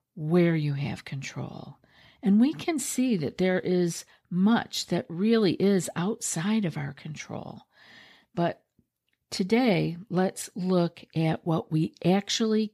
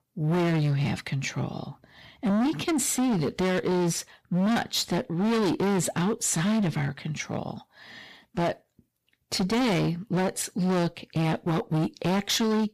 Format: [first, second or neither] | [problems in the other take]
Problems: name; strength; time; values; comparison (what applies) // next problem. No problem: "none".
first | distortion; heavy; 23% of the sound clipped